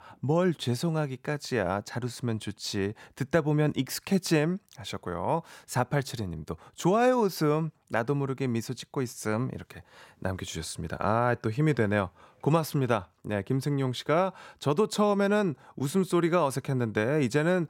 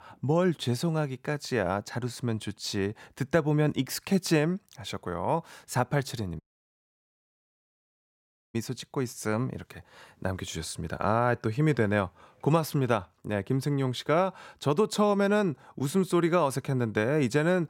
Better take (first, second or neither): first